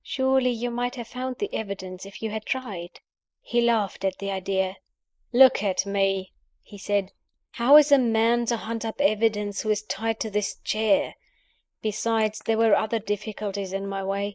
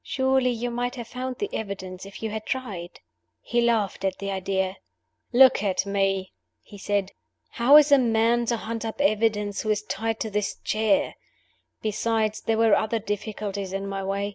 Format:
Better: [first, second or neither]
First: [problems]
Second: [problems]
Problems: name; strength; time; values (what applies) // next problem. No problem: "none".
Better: second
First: noise reduction (neural mask model Resemble Enhance denoiser)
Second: none